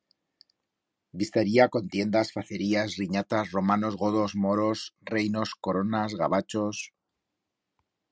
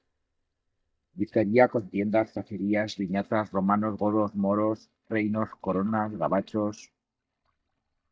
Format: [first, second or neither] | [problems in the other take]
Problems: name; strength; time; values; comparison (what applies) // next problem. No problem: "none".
first | noise reduction (neural mask model DeepFilterNet 3)